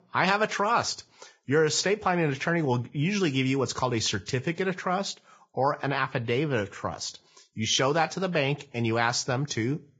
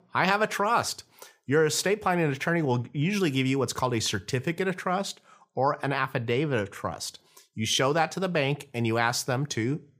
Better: second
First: garbled, watery; badly; nothing above 7.5 kHz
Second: none

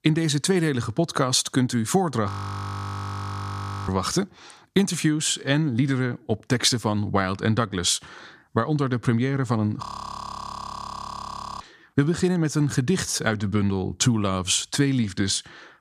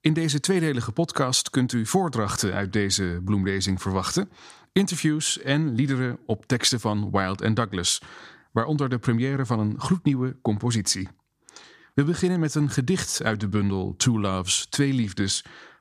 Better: second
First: audio freezing; at 2.5 s for 1.5 s and at 10 s for 2 s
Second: none

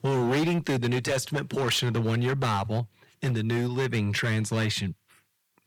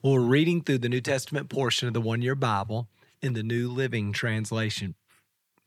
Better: second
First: distortion; heavy; 15% of the sound clipped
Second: none

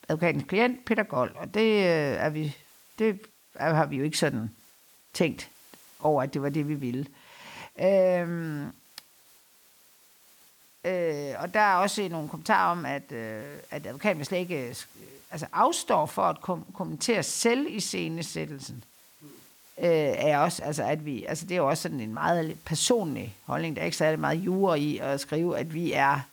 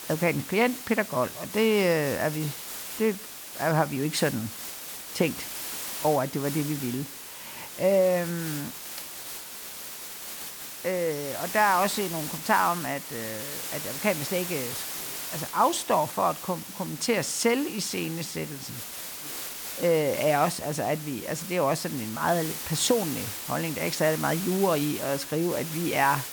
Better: first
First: hiss; faint; throughout; 25 dB below the speech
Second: hiss; loud; throughout; 8 dB below the speech

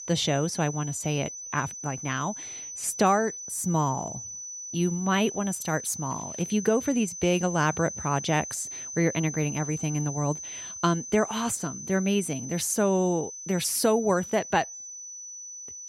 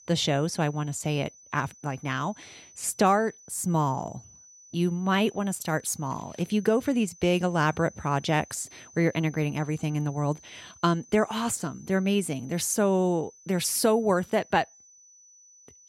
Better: second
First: high-pitched whine; loud; throughout; 6 kHz, 9 dB below the speech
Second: high-pitched whine; faint; throughout; 6 kHz, 25 dB below the speech

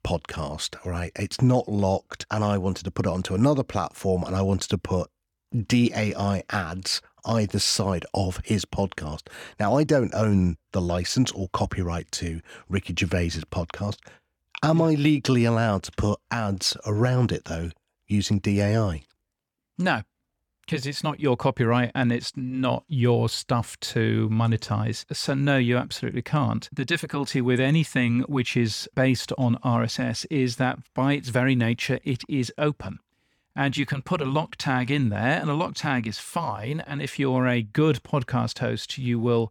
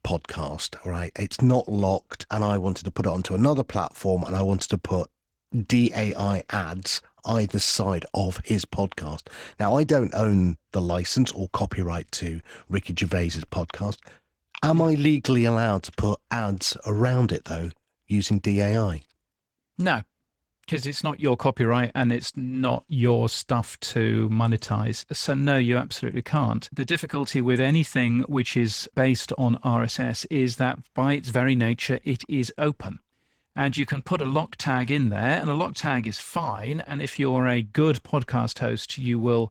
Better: first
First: none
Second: garbled, watery; slightly; nothing above 18.5 kHz

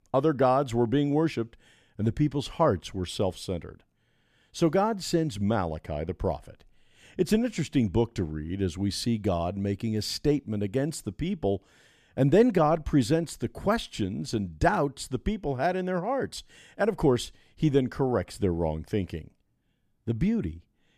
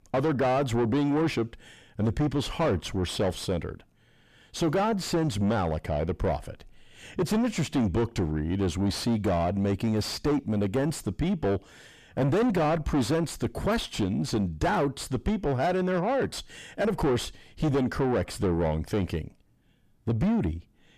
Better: first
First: none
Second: distortion; heavy; 6 dB below the speech

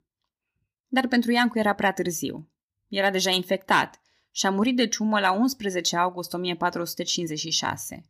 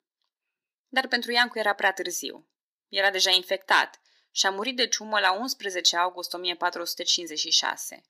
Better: first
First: none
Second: thin; somewhat; fading below 400 Hz

